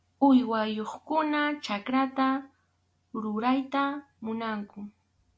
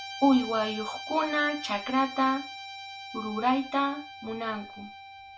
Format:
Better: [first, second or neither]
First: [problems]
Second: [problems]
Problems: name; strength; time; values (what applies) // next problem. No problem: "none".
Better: first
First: none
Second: background sound (Guitar); 12 dB below the speech // room echo; dies away in 0.2 s